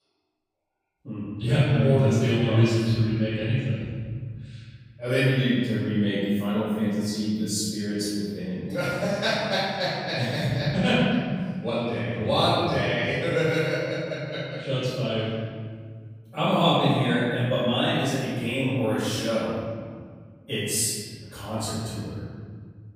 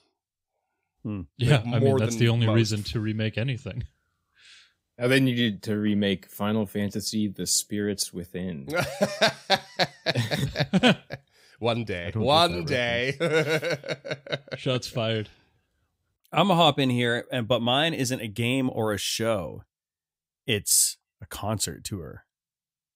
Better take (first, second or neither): second